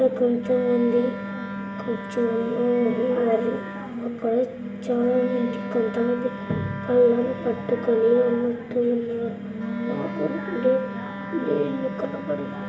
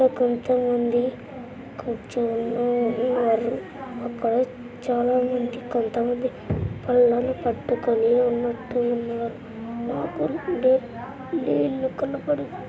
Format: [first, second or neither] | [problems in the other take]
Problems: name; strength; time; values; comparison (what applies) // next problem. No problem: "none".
second | background sound (Wind instrument, woodwind instrument); 10 dB below the speech // room echo; dies away in 0.5 s